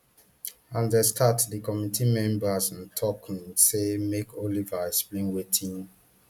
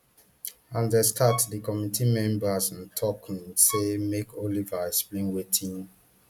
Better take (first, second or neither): first